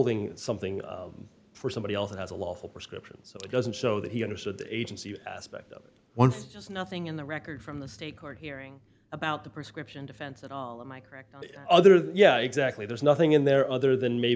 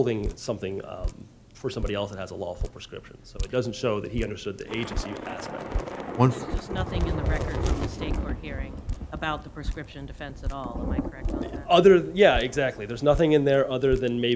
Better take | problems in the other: first | background sound (Drip + Thunder / Rain); 6 dB below the speech

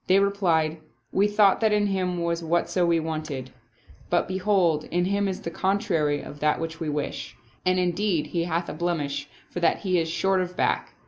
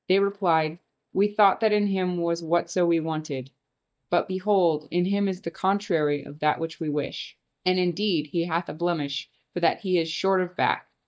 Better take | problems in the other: first | noise reduction (neural mask model DeepFilterNet 3)

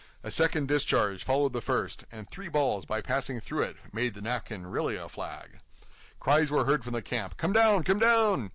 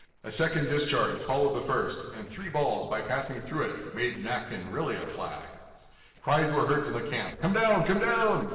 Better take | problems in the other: first | noise reduction (neural separator model SepFormer DNS4)

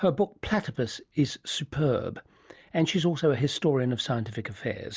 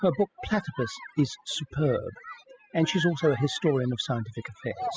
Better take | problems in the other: first | noise reduction (classical method spectral subtraction)

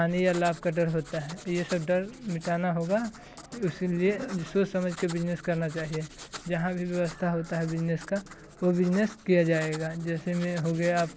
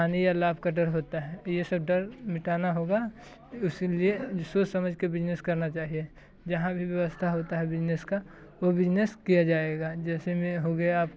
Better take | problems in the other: second | background sound (Writing); 19 dB below the speech

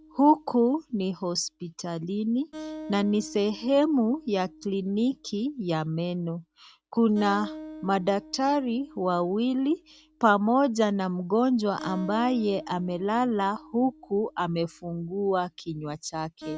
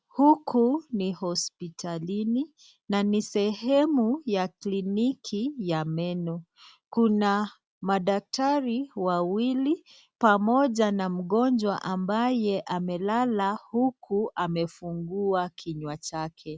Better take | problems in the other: second | background sound (Acoustic guitar); 19 dB below the speech

